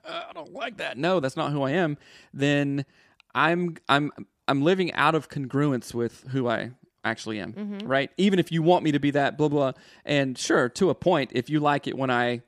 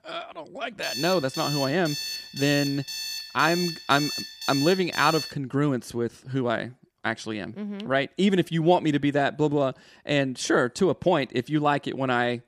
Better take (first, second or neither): first